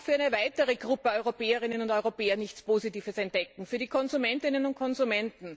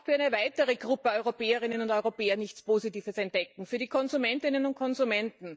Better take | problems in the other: first | noise reduction (neural mask model DeepFilterNet 3)

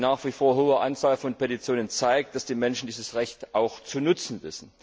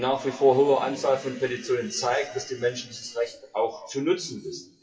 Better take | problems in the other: first | noise reduction (classical method WPE with log-MMSE)

